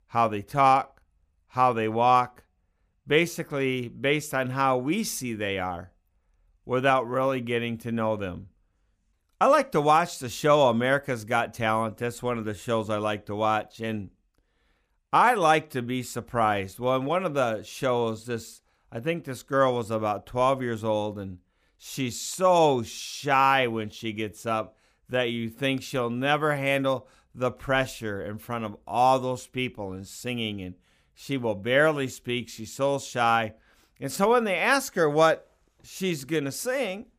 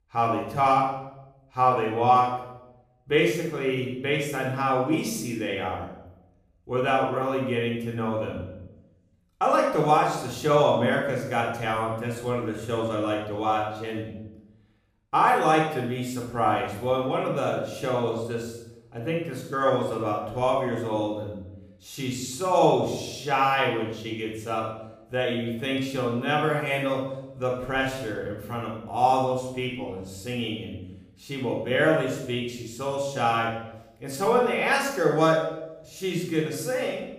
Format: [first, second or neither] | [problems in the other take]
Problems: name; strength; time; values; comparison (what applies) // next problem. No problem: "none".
first | off-mic speech; somewhat distant // room echo; noticeable; dies away in 0.8 s